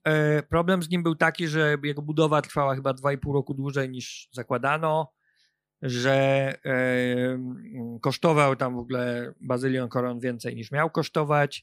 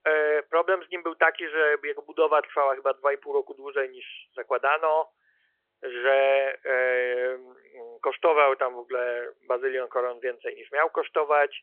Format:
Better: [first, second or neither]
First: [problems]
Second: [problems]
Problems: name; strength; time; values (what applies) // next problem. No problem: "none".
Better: first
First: none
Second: phone-call audio